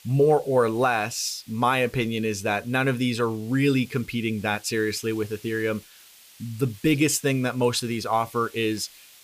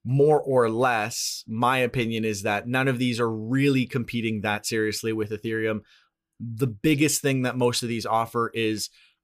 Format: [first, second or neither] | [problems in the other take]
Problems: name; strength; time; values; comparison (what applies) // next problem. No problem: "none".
second | hiss; faint; throughout; 25 dB below the speech